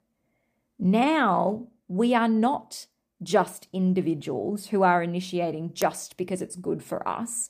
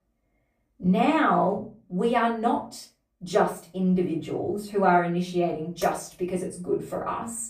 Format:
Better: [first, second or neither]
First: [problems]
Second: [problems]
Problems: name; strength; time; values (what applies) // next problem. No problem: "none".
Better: first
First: none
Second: room echo; slight; dies away in 0.3 s // off-mic speech; far